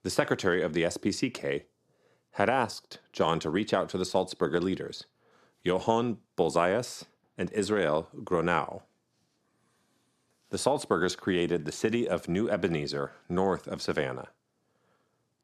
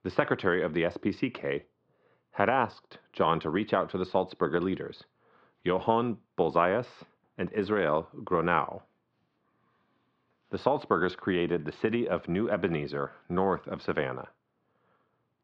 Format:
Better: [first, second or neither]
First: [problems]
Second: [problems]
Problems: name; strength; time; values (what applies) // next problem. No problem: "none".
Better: first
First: none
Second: muffled; very; fading above 3.5 kHz